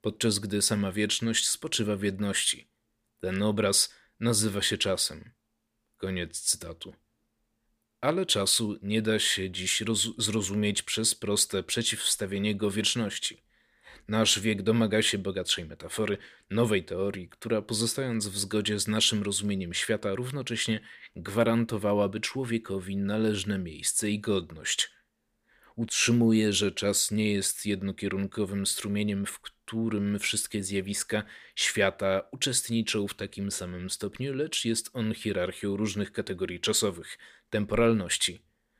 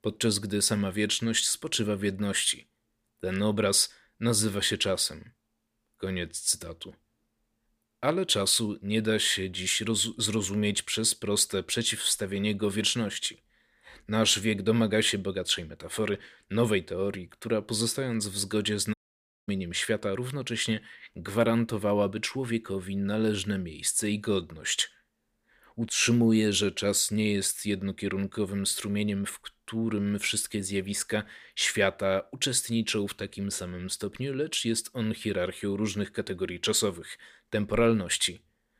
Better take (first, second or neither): first